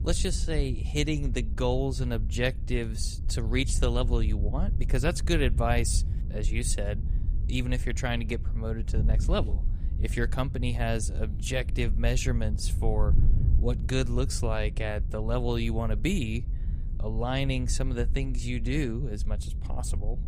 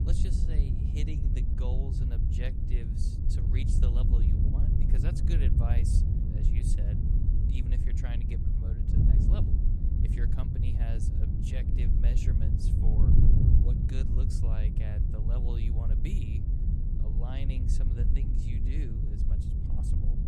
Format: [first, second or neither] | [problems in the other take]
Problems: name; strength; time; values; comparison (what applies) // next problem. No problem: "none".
first | wind noise on the microphone; heavy; 3 dB above the speech; occasional gusts in the first